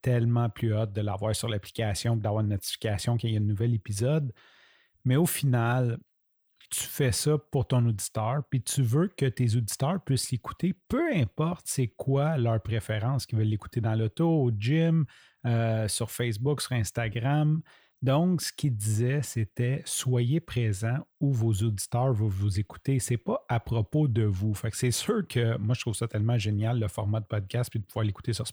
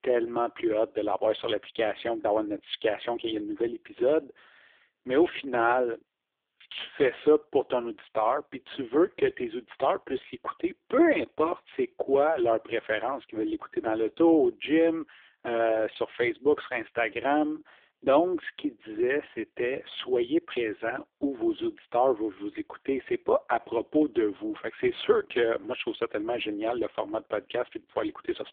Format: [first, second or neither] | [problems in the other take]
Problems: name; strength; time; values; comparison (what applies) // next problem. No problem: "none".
first | phone-call audio; poor line